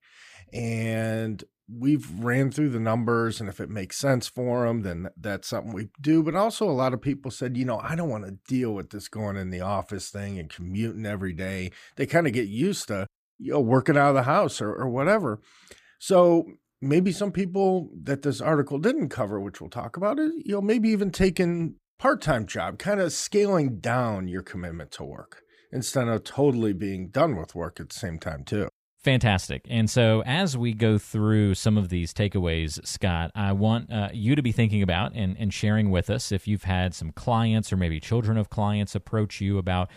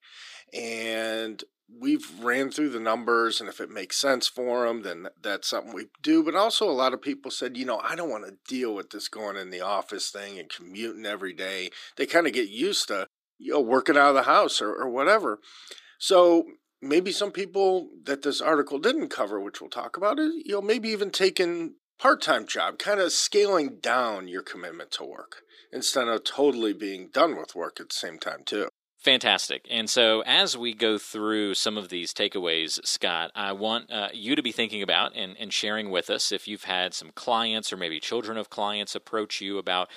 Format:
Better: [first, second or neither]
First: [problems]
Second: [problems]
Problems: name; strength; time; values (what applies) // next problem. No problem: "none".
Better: first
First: none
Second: thin; somewhat; fading below 300 Hz